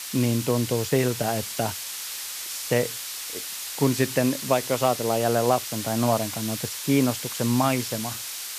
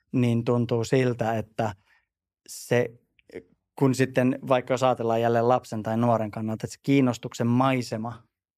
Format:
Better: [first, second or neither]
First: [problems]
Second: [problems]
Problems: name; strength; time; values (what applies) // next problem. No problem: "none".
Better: second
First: hiss; loud; throughout; 6 dB below the speech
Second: none